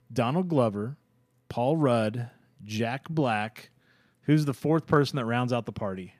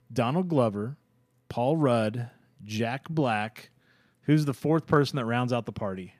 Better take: neither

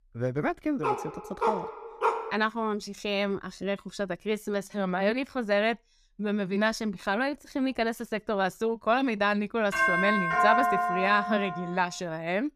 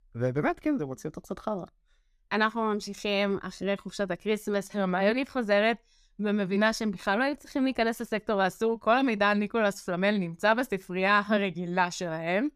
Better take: second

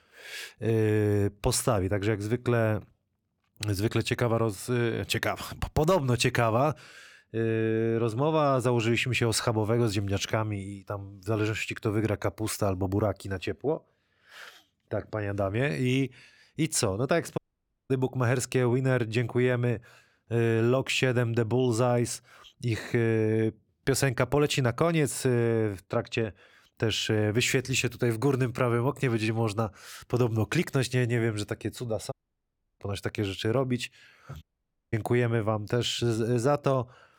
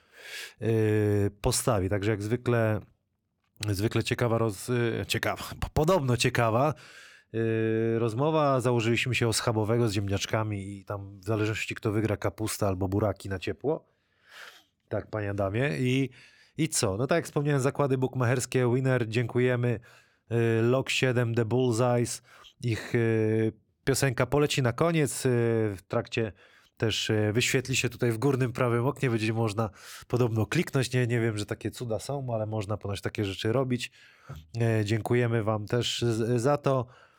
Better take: second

